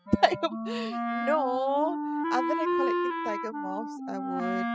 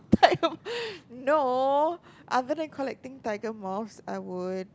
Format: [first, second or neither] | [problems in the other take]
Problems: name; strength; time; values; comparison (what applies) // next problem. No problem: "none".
second | noise reduction (classical method spectral subtraction)